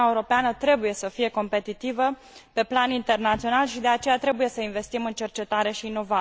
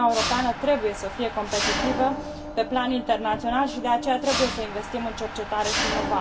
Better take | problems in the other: first | background sound (Mechanisms); 4 dB below the speech // room echo; dies away in 0.7 s

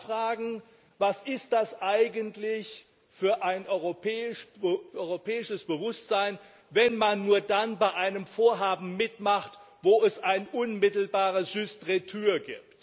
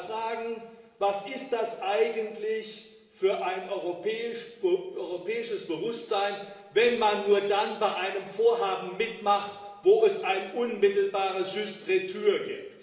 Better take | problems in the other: first | room echo; dies away in 1.1 s

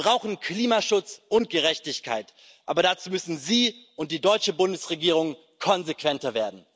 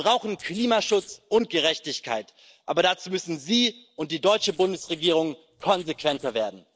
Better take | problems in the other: first | noise reduction (neural separator model SepFormer DNS4)

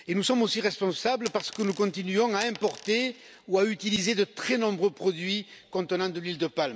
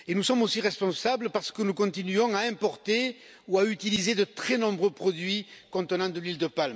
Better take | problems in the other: second | background sound (Coin (dropping)); 18 dB below the speech

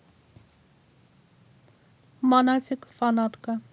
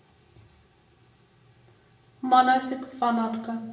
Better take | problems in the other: first | room echo; dies away in 0.7 s

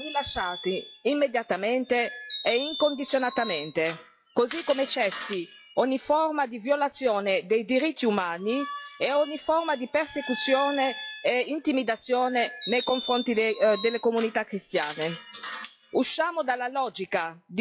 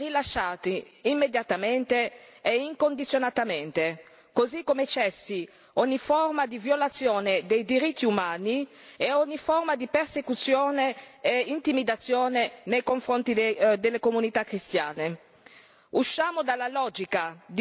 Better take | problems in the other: second | noise reduction (classical method log-MMSE)

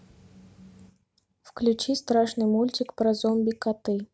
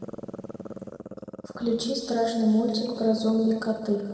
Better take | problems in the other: first | background sound (Growling); 15 dB below the speech // room echo; dies away in 2.5 s

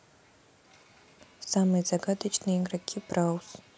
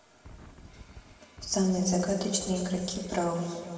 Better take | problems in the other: first | background sound (Wind); 18 dB below the speech // room echo; dies away in 2.4 s

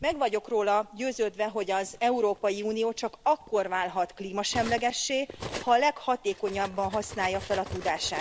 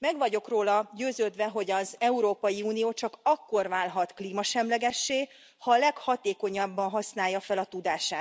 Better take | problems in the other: second | background sound (Cutlery, silverware); 15 dB below the speech

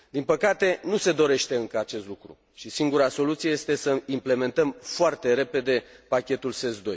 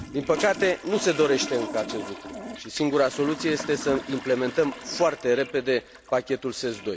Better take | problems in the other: first | background sound (Toilet flush); 12 dB below the speech

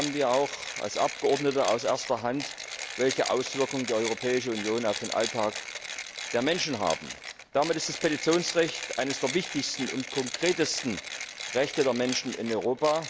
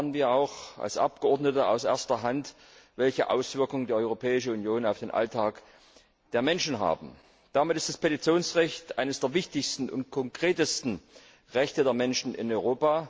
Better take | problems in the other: second | background sound (Mechanisms); 9 dB below the speech

